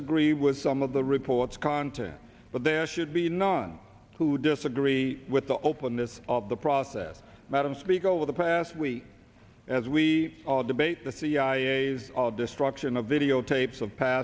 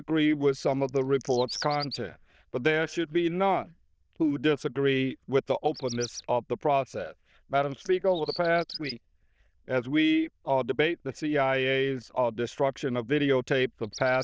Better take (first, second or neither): first